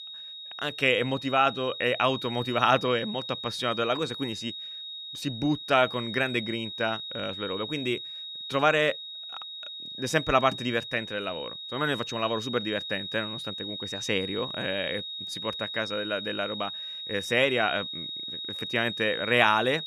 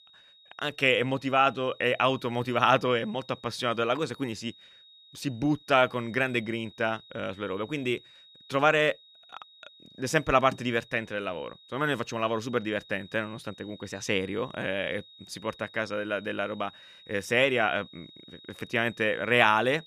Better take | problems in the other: second | high-pitched whine; loud; throughout; 4 kHz, 7 dB below the speech; faint in the second

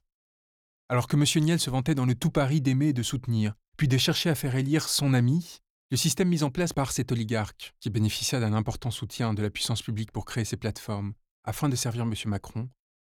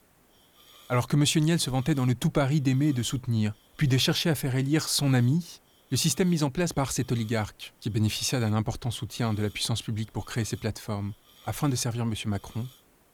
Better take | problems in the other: first | hiss; faint; throughout; 25 dB below the speech

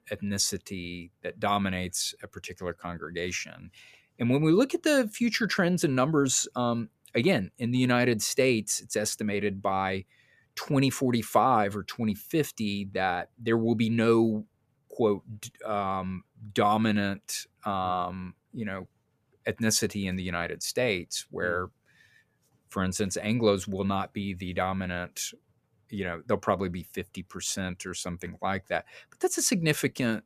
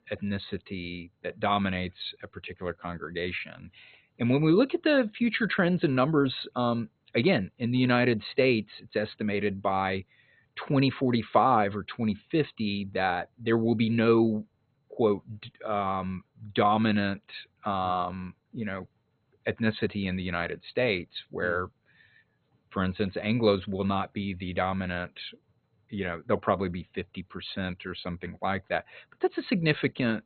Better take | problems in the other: first | garbled, watery; badly; nothing above 4 kHz

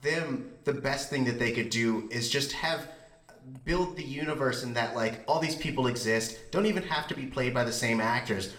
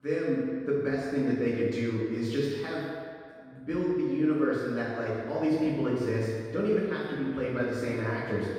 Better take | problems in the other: first | room echo; strong; dies away in 1.8 s; slight in the first // off-mic speech; far

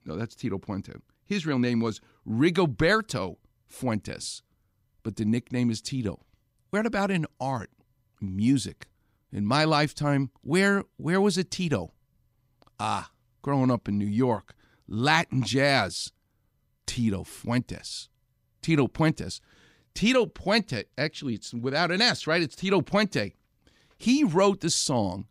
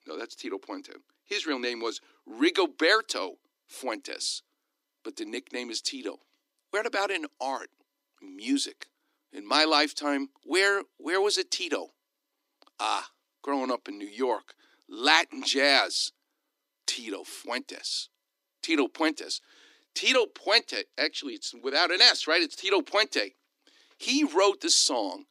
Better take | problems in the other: first | thin; somewhat; fading below 300 Hz

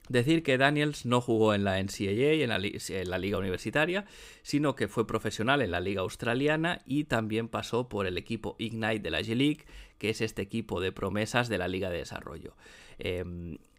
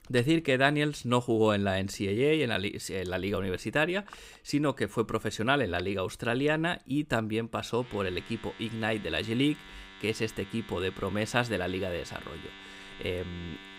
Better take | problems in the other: first | household noises; noticeable; throughout; 15 dB below the speech

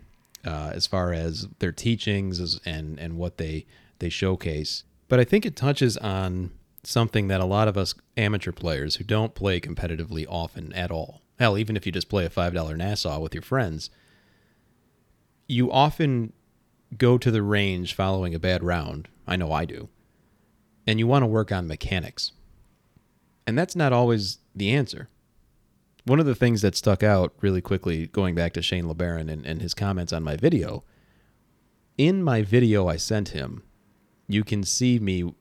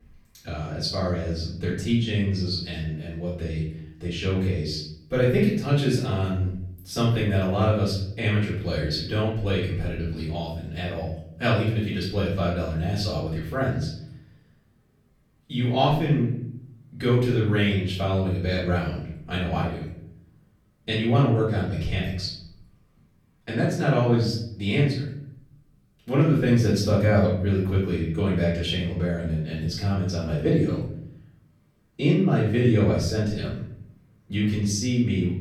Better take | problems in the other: first | off-mic speech; far // room echo; noticeable; dies away in 0.7 s

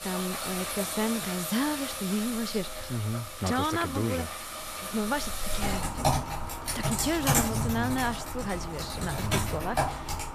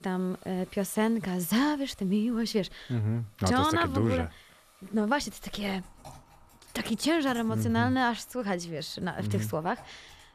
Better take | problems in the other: second | household noises; loud; throughout; as loud as the speech; faint in the second

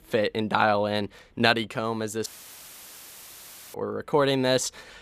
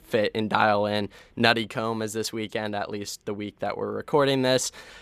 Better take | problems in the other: second | audio cutting out; filled with static; at 2.5 s for 1.5 s

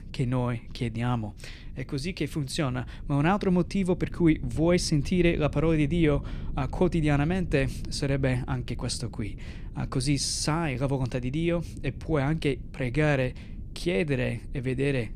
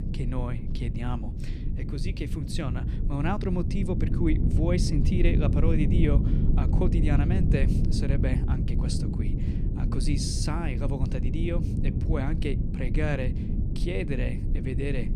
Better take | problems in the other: first | low rumble; loud; throughout; 4 dB below the speech; faint in the first

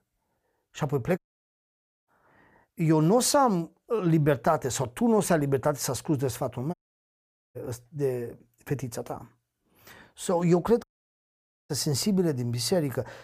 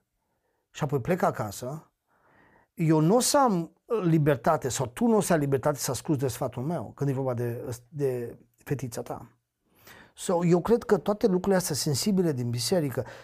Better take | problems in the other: second | audio cutting out; at 1 s for 1 s, at 6.5 s for 1 s and at 11 s for 1 s

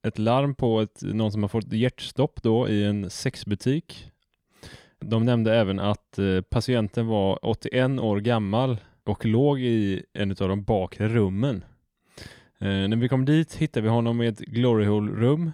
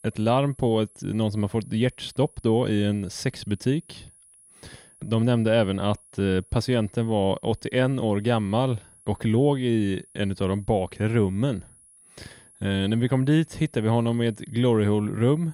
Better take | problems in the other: first | high-pitched whine; faint; throughout; 10.5 kHz, 25 dB below the speech

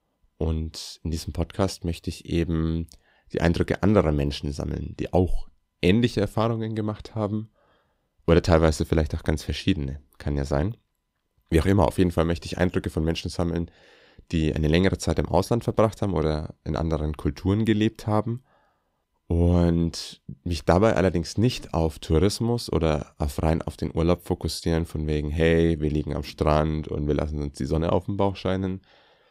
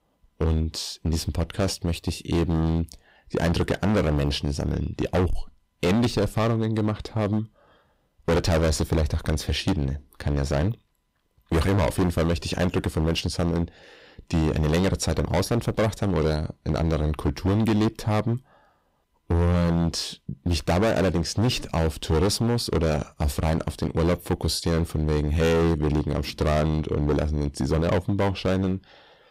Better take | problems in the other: first | distortion; heavy; 14% of the sound clipped

